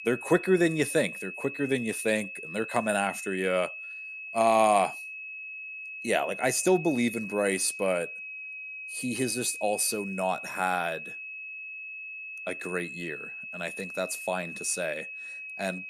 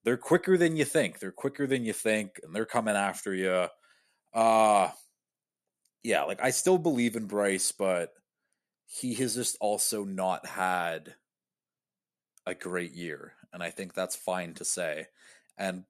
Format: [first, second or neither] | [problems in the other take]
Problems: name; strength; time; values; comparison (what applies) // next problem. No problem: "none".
second | high-pitched whine; loud; throughout; 2.5 kHz, 9 dB below the speech